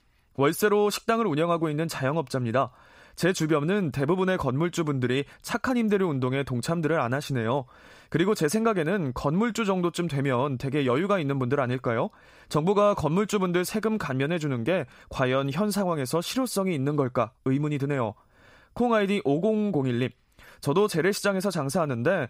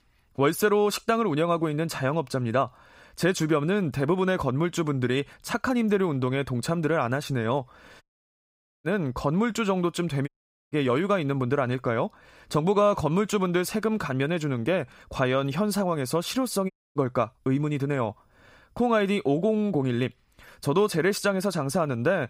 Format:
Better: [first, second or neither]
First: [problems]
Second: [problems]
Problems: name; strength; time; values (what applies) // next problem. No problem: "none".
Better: first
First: none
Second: audio cutting out; at 8 s for 1 s, at 10 s and at 17 s